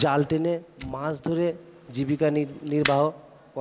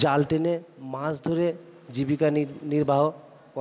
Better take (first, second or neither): second